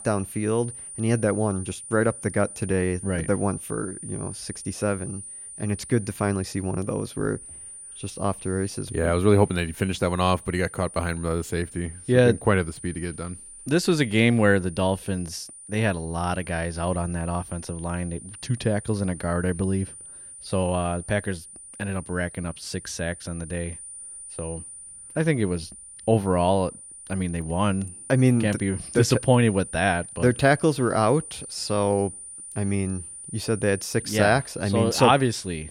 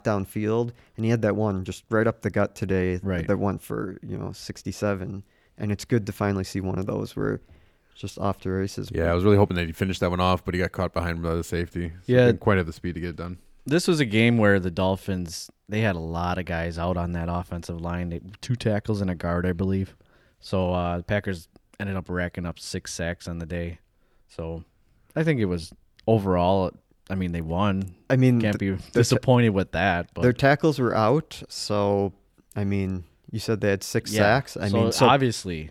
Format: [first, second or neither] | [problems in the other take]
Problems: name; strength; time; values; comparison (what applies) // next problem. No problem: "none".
second | high-pitched whine; noticeable; throughout; 9.5 kHz, 15 dB below the speech